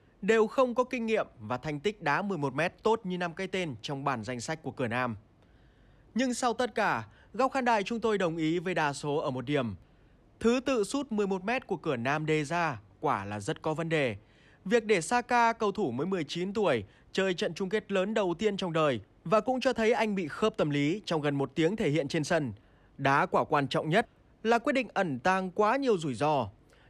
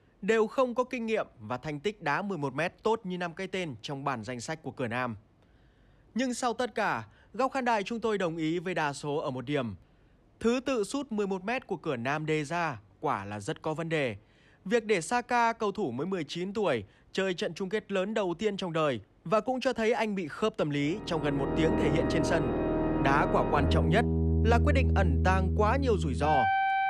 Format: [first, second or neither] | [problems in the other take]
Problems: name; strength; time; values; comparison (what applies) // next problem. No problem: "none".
first | background music; very loud; from 21 s on; 2 dB above the speech